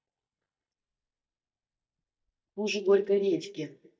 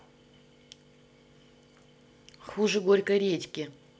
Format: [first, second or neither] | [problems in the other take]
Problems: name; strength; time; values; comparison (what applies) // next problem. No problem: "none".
second | noise reduction (neural mask model DeepFilterNet 3)